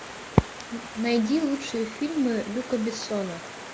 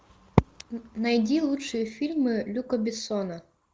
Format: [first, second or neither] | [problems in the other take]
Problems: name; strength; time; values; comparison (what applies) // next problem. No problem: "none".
second | background sound (Stream); 12 dB below the speech